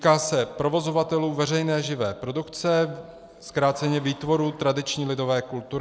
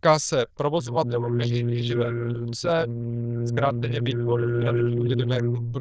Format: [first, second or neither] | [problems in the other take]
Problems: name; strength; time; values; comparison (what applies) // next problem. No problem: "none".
first | noise reduction (neural diffusion model UNIVERSE++)